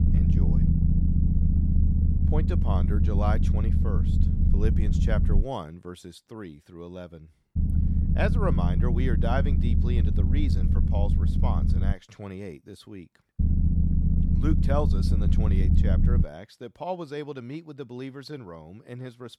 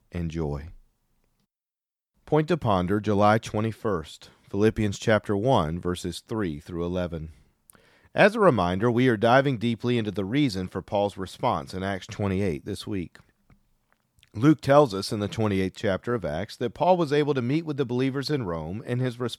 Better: second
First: low rumble; loud; until 5.5 s, from 7.5 to 12 s and from 13 to 16 s; 2 dB below the speech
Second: none

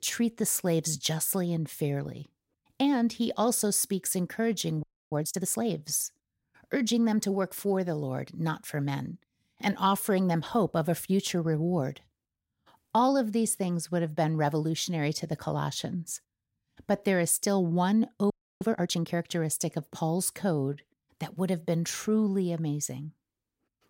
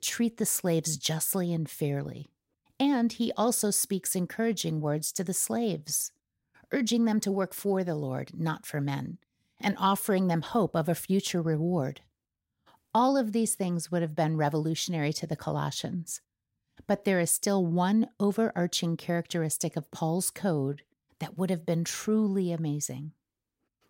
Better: second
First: audio freezing; at 5 s and at 18 s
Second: none

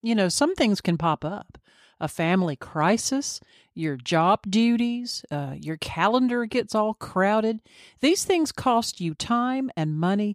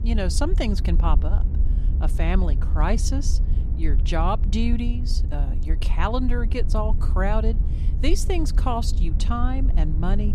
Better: first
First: none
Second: low rumble; noticeable; throughout; 15 dB below the speech

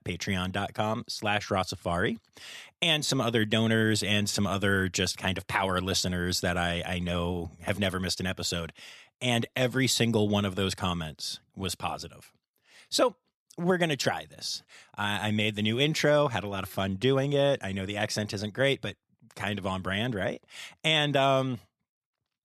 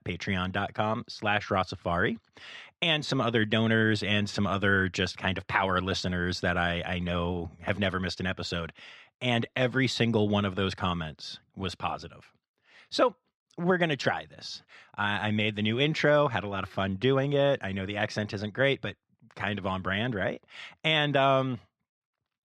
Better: first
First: none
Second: muffled; very slightly; fading above 3.5 kHz

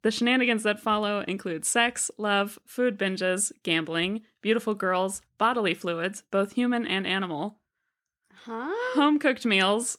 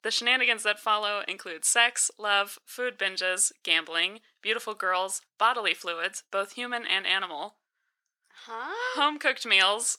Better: first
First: none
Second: thin; very; fading below 750 Hz

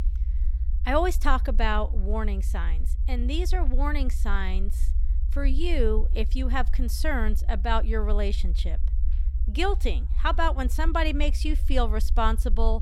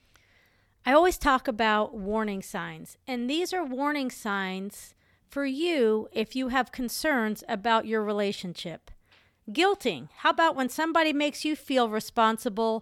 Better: second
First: low rumble; faint; throughout; 20 dB below the speech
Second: none

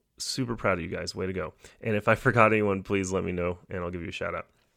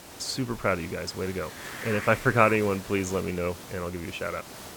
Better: first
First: none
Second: hiss; noticeable; throughout; 10 dB below the speech

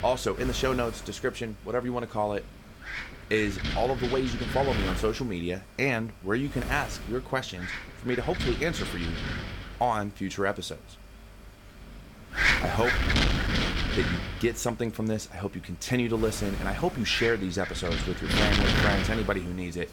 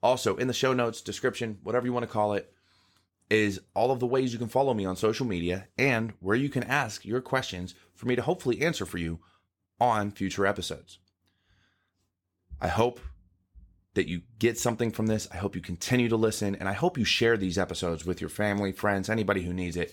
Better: second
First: wind noise on the microphone; heavy; as loud as the speech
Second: none

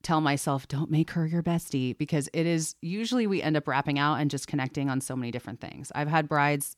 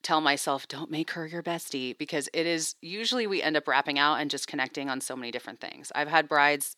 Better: first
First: none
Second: thin; somewhat; fading below 450 Hz

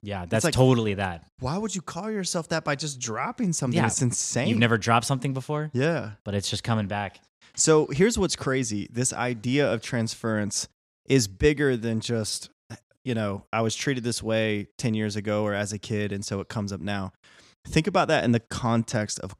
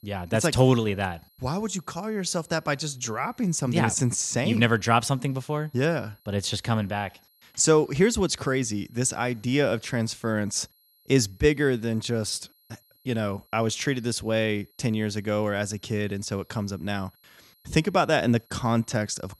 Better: first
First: none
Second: high-pitched whine; faint; throughout; 11.5 kHz, 35 dB below the speech

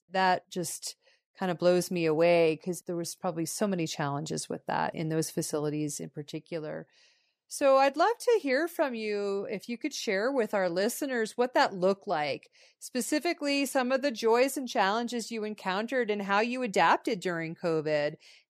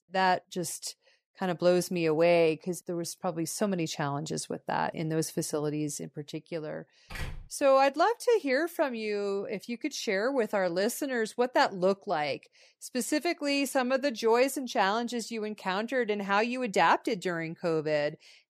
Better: first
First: none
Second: door banging; faint; at 7 s; peak 10 dB below the speech

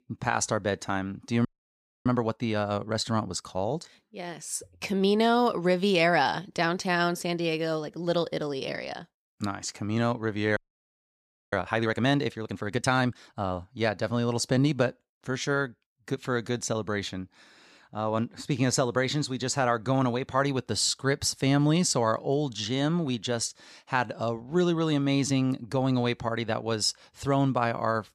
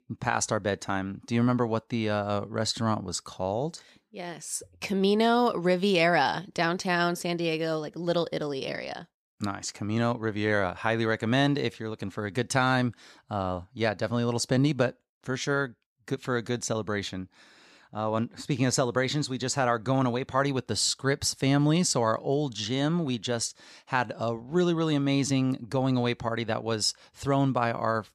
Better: second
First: audio freezing; at 1.5 s for 0.5 s and at 11 s for 1 s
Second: none

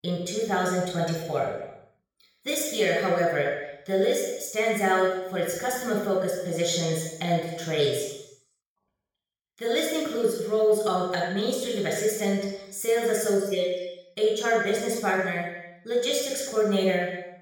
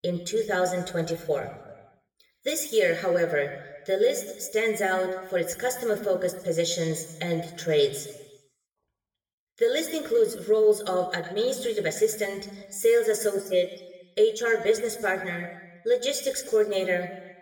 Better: second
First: room echo; strong; dies away in 0.9 s // off-mic speech; far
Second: room echo; slight; dies away in 1.1 s // off-mic speech; somewhat distant

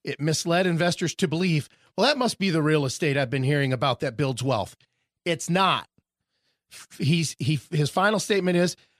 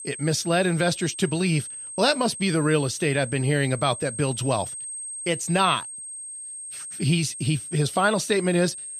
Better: first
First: none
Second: high-pitched whine; loud; throughout; 8.5 kHz, 10 dB below the speech

